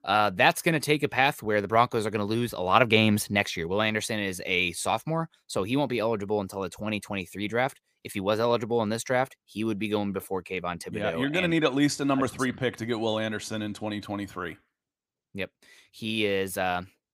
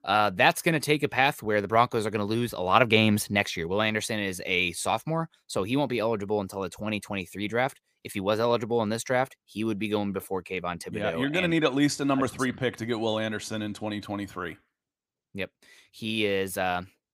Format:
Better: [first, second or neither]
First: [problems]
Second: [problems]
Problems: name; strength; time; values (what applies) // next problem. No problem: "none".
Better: neither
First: none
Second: none